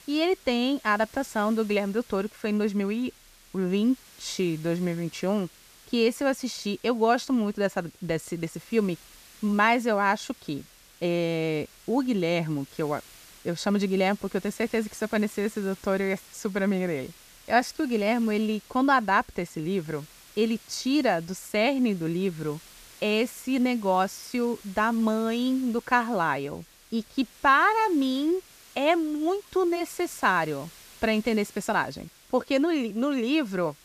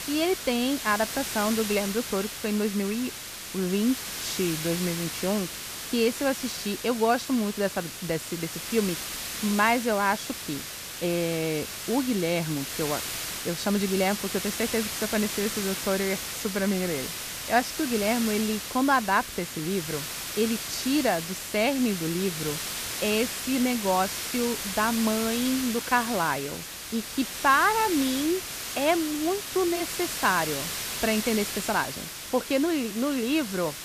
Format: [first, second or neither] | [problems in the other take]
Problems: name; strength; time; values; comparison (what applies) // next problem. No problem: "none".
first | hiss; loud; throughout; 5 dB below the speech; faint in the first